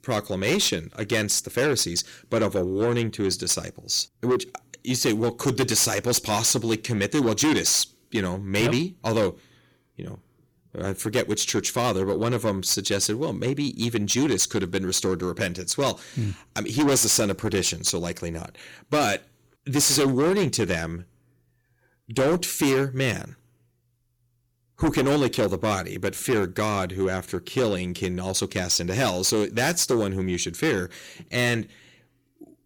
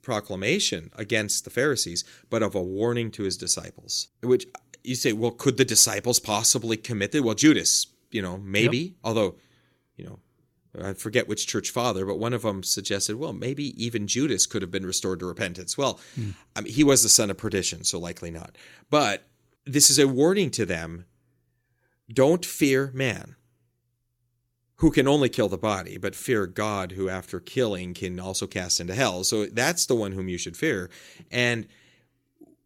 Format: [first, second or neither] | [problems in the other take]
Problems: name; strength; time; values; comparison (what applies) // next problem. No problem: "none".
second | distortion; heavy; 7 dB below the speech